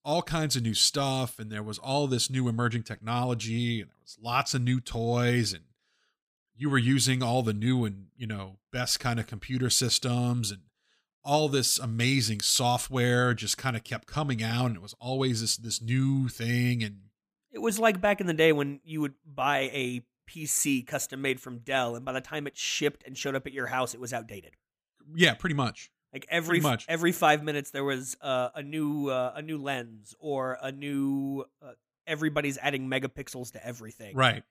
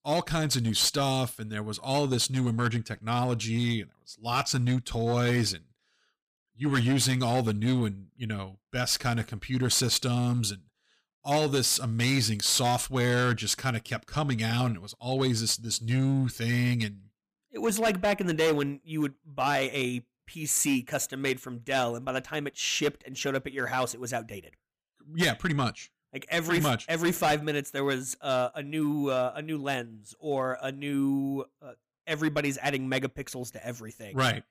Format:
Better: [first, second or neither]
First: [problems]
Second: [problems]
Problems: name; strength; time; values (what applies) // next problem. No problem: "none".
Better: first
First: none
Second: distortion; slight; 5% of the sound clipped